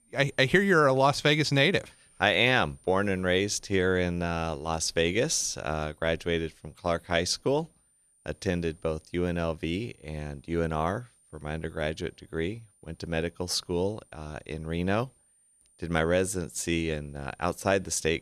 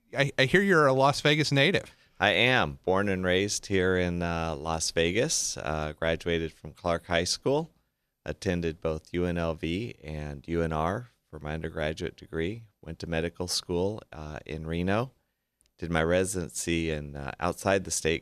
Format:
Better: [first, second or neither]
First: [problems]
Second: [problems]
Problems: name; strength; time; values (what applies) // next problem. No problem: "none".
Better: second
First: high-pitched whine; faint; throughout; 9 kHz, 35 dB below the speech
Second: none